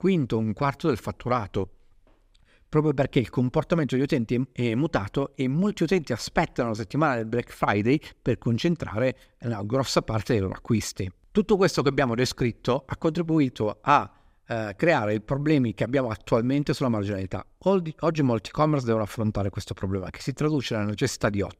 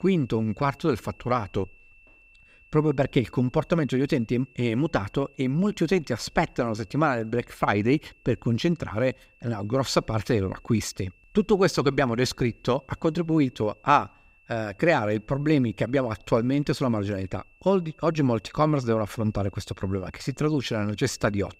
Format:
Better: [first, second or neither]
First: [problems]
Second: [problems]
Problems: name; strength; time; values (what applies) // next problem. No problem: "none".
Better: first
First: none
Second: high-pitched whine; faint; throughout; 2.5 kHz, 30 dB below the speech